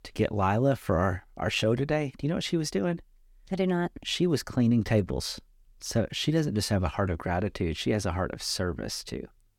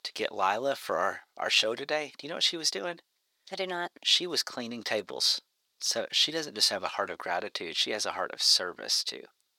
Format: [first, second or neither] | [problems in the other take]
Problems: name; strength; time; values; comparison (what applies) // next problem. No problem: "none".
first | thin; very; fading below 650 Hz